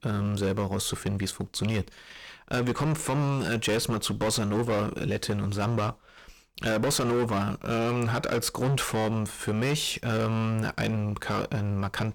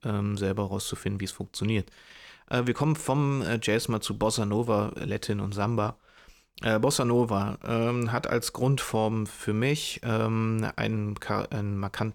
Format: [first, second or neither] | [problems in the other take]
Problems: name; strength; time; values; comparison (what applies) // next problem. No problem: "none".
second | distortion; heavy; 17% of the sound clipped